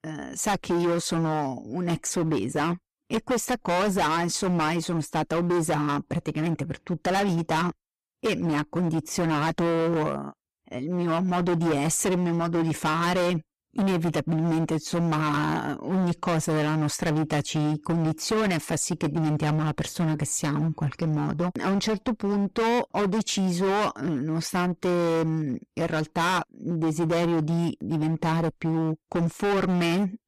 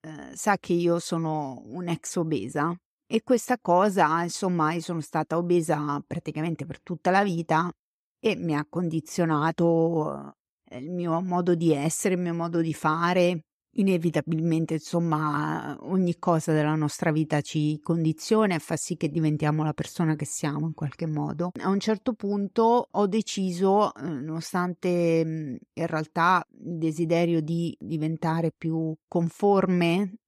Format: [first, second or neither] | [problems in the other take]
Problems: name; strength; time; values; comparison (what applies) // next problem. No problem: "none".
second | distortion; heavy; 23% of the sound clipped